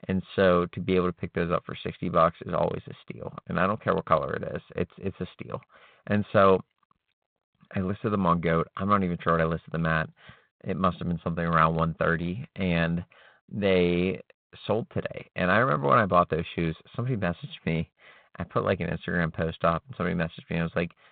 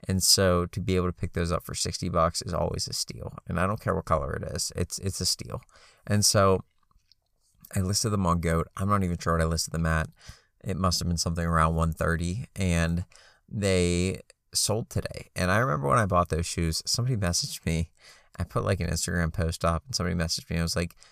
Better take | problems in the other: second | phone-call audio; nothing above 4 kHz

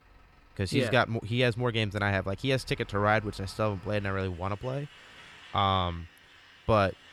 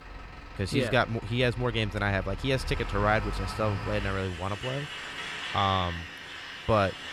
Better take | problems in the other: first | traffic noise; loud; throughout; 9 dB below the speech; faint in the first

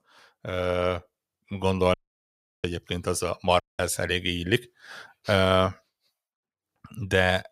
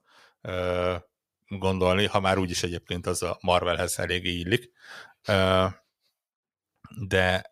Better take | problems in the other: second | audio cutting out; at 2 s for 0.5 s and at 3.5 s

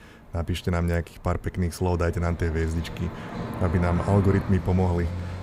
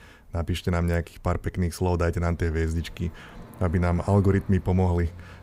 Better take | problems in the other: second | traffic noise; loud; throughout; 9 dB below the speech; faint in the second

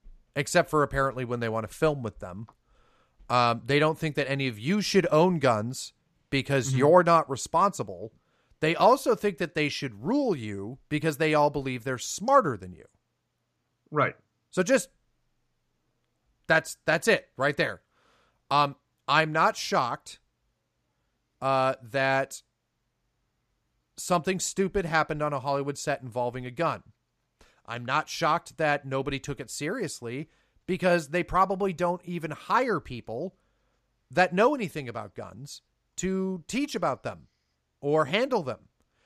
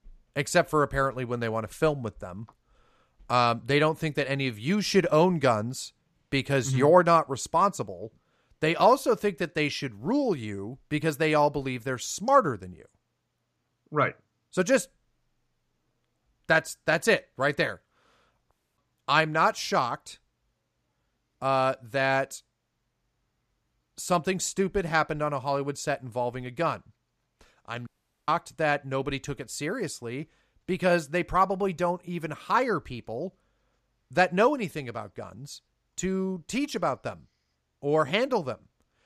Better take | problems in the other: first | audio cutting out; at 19 s and at 28 s

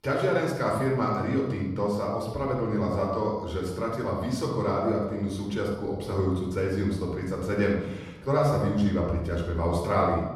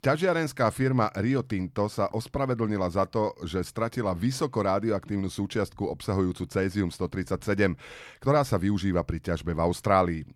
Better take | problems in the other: second | off-mic speech; far // room echo; noticeable; dies away in 0.9 s

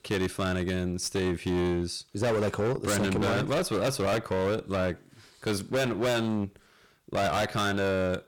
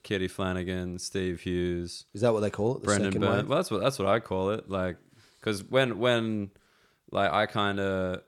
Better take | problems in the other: second | distortion; heavy; 24% of the sound clipped

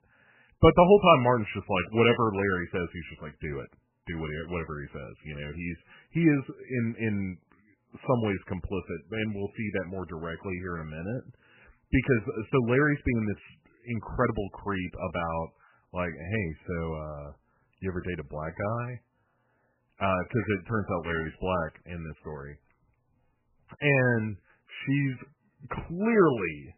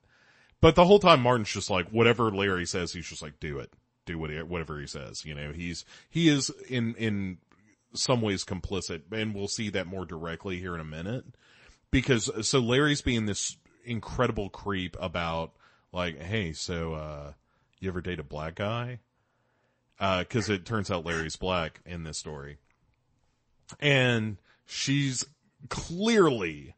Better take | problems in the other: second | garbled, watery; badly; nothing above 3 kHz; slightly in the second

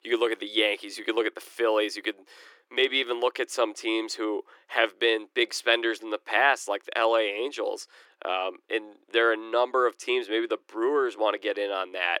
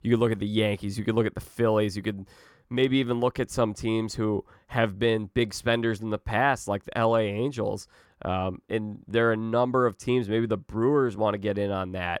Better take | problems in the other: second | thin; very; fading below 300 Hz

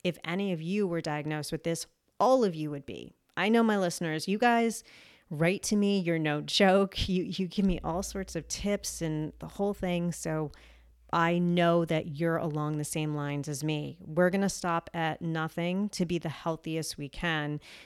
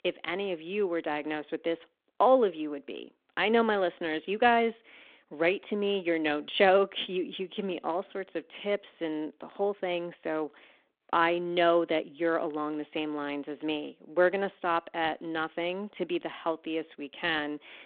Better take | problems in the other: first | phone-call audio

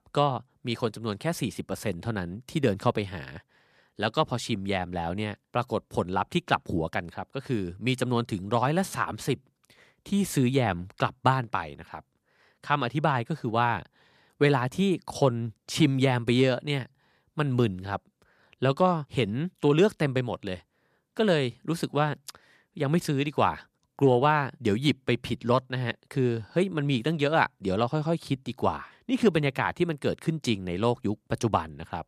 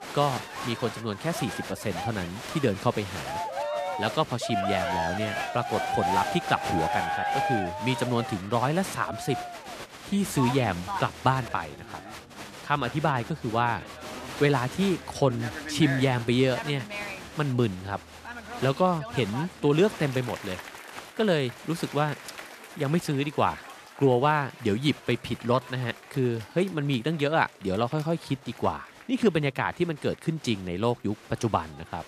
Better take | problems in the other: first | crowd noise; loud; throughout; 7 dB below the speech

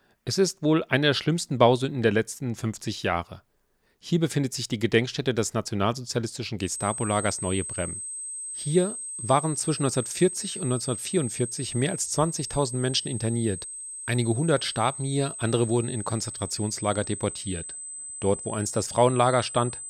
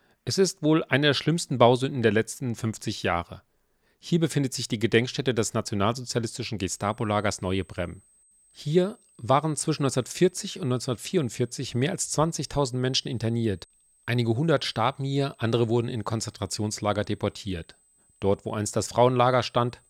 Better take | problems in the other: second | high-pitched whine; loud; from 6.5 s on; 8.5 kHz, 8 dB below the speech; faint in the second

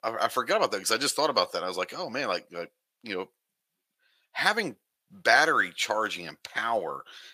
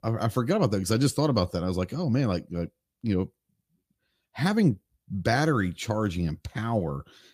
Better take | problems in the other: second | thin; very; fading below 700 Hz

